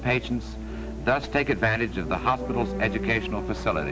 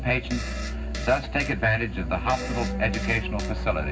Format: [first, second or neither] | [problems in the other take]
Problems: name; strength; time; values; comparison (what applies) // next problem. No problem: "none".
first | background sound (Fart); 13 dB below the speech // room echo; dies away in 0.4 s